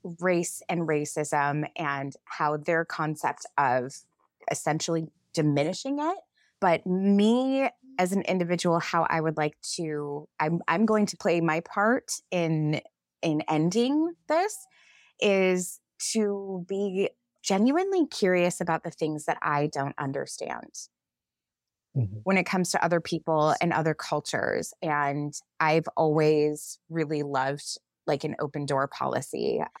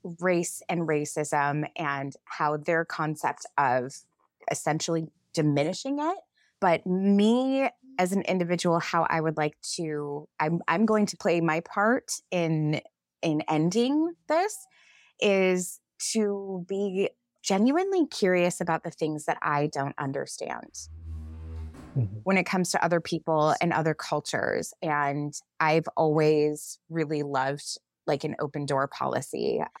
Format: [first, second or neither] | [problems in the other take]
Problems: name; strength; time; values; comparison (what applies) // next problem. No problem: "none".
first | door banging; faint; from 21 to 22 s; peak 15 dB below the speech